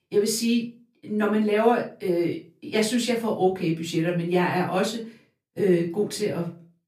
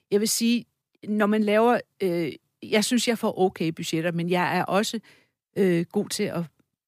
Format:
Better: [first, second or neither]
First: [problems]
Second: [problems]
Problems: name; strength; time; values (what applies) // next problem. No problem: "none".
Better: second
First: room echo; slight; dies away in 0.3 s // off-mic speech; far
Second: none